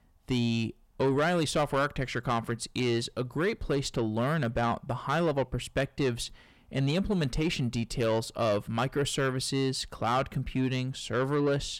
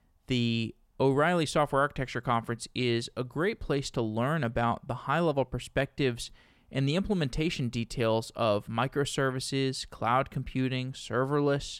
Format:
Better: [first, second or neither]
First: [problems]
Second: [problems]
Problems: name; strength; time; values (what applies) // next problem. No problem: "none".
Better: second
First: distortion; slight; 10 dB below the speech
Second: none